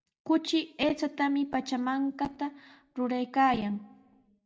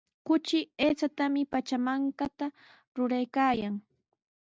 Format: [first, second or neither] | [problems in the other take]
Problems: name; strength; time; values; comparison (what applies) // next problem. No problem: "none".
second | room echo; dies away in 0.5 s